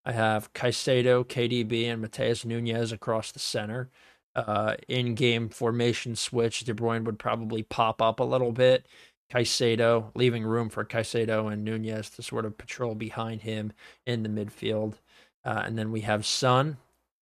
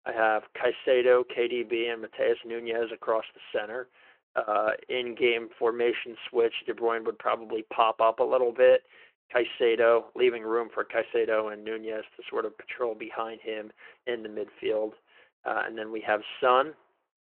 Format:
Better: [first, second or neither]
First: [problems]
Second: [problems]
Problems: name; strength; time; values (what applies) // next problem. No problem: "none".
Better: first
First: none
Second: phone-call audio